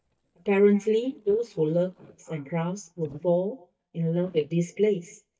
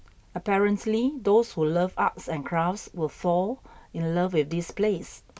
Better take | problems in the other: second | noise reduction (neural mask model DeepFilterNet 3)

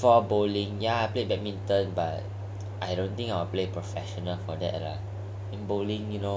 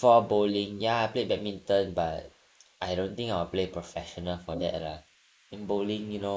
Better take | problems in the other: first | noise reduction (neural mask model Resemble Enhance denoiser)

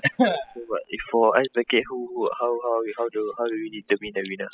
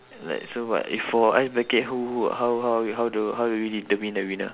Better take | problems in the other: second | noise reduction (classical method spectral subtraction)

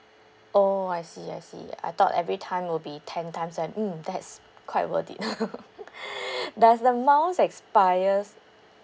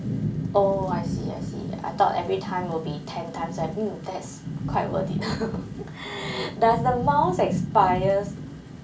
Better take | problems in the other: first | background sound (Rain / Thunderstorm); 5 dB below the speech // room echo; dies away in 0.3 s

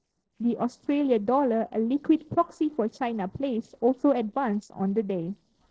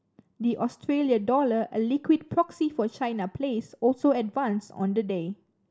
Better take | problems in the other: second | noise reduction (neural separator model SepFormer DNS4)

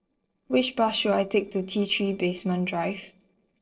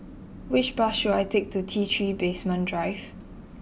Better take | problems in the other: second | noise reduction (neural separator model SepFormer DNS4)

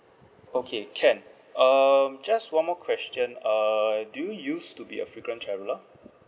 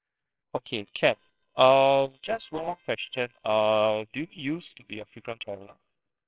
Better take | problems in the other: first | noise reduction (neural separator model SepFormer WHAMR!)

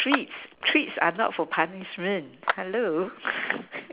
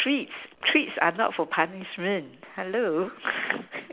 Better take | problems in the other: second | background sound (Clapping); 8 dB below the speech

